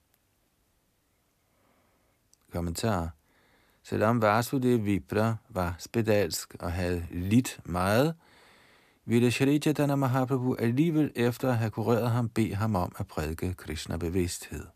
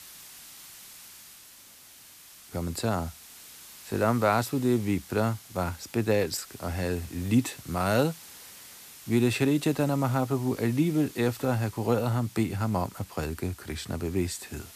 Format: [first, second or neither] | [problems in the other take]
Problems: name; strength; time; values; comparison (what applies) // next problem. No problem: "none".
first | hiss; noticeable; throughout; 20 dB below the speech